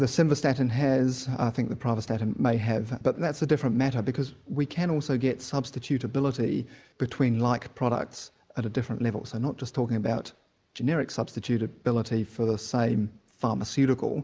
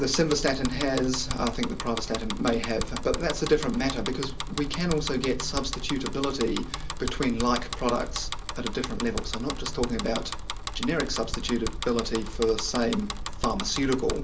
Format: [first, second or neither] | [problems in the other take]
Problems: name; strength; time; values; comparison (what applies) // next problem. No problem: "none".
first | background sound (Bicycle); 4 dB below the speech // room echo; dies away in 0.2 s